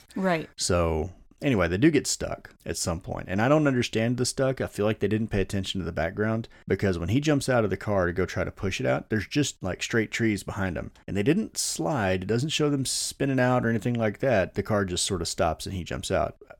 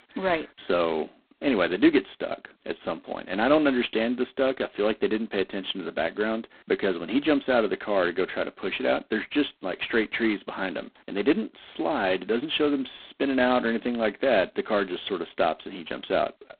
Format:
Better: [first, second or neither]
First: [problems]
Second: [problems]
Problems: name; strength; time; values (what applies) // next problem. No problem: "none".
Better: first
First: none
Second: phone-call audio; poor line; nothing above 4 kHz